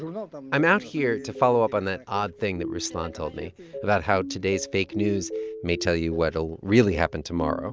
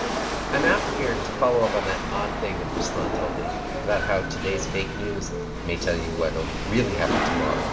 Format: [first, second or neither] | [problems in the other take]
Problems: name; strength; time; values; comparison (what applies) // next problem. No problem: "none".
first | background sound (Rattle / Chatter / Hiss / Engine / Mechanisms); 1 dB below the speech // room echo; dies away in 1 s